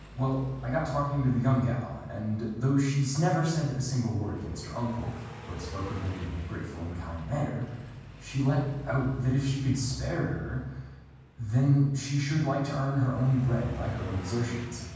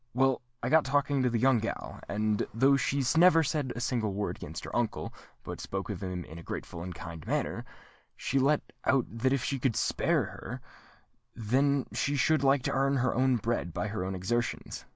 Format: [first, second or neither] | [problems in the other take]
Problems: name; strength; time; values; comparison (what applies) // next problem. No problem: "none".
second | background sound (Car passing by); 17 dB below the speech // room echo; dies away in 1.2 s